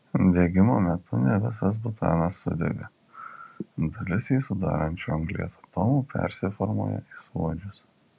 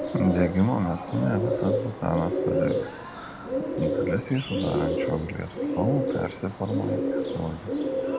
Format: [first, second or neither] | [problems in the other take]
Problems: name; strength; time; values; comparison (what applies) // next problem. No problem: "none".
first | background sound (Bird); as loud as the speech